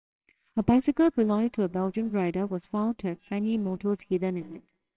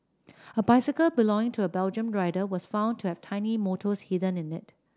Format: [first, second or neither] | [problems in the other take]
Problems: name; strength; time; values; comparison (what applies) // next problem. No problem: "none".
second | noise reduction (neural separator model SepFormer WHAMR!)